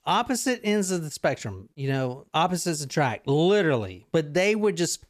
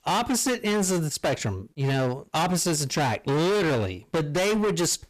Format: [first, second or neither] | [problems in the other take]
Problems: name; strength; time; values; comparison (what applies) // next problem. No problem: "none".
first | distortion; heavy; 28% of the sound clipped